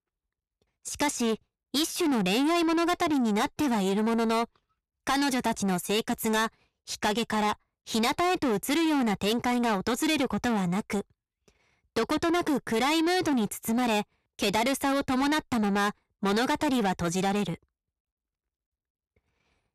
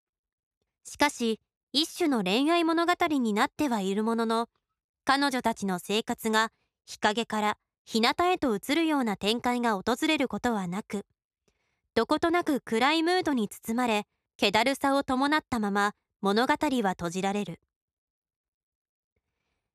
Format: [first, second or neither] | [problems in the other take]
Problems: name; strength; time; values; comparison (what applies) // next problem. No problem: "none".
second | distortion; heavy; 7 dB below the speech